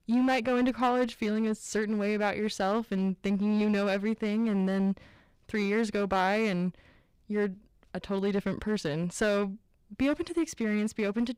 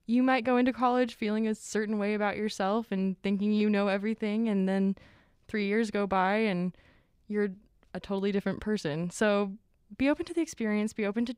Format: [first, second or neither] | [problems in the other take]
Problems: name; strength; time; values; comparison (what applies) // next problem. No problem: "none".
second | distortion; slight; 8% of the sound clipped